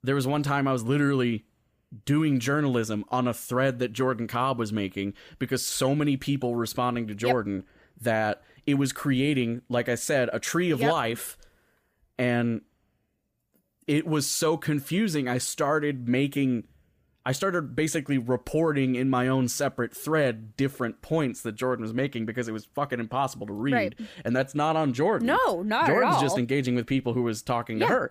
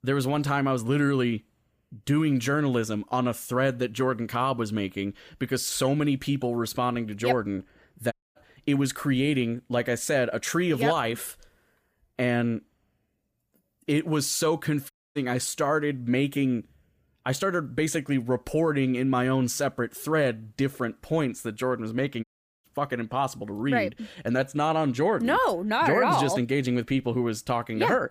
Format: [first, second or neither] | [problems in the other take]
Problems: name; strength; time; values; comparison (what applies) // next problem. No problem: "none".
first | audio cutting out; at 8 s, at 15 s and at 22 s